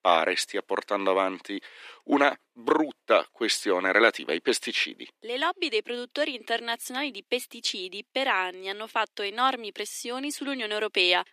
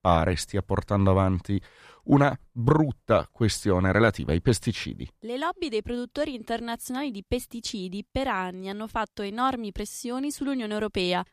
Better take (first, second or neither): second